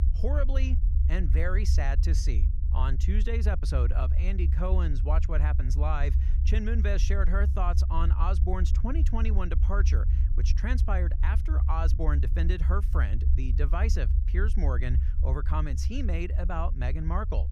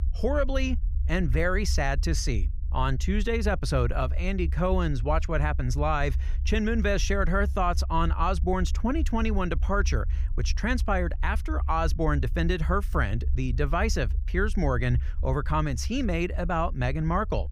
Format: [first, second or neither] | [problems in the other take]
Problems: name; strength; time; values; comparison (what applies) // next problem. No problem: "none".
second | low rumble; loud; throughout; 10 dB below the speech; faint in the second